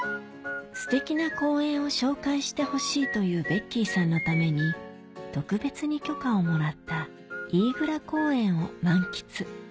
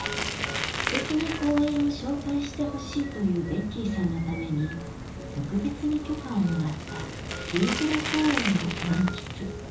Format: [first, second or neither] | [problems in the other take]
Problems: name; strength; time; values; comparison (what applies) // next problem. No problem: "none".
first | background sound (Bicycle); 6 dB below the speech // room echo; dies away in 1.2 s